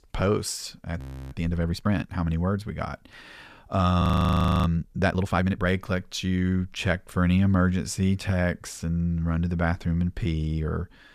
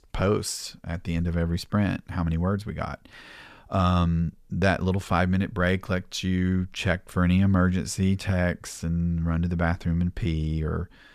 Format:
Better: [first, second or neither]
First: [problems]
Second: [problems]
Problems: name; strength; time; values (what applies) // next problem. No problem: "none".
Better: second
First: audio freezing; at 1 s and at 4 s for 0.5 s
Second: none